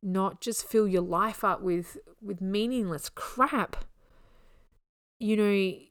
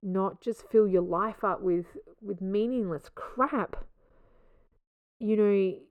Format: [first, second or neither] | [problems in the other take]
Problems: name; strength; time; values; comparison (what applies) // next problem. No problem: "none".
first | muffled; very; fading above 3 kHz